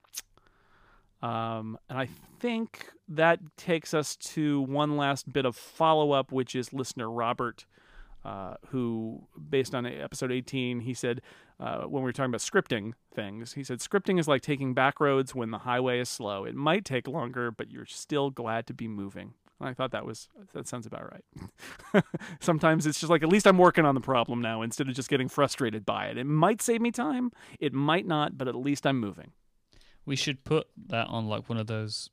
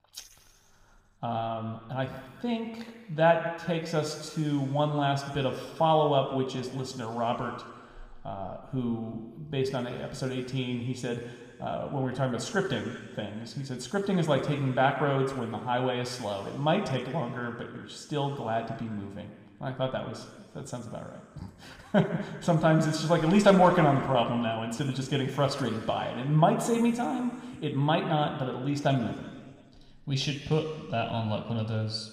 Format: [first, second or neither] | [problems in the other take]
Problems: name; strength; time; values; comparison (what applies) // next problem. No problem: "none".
first | room echo; noticeable; dies away in 1.9 s